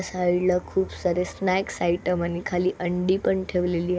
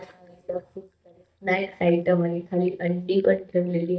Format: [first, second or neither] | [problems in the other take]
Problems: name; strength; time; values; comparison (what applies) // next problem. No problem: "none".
first | noise reduction (neural mask model DeepFilterNet 3)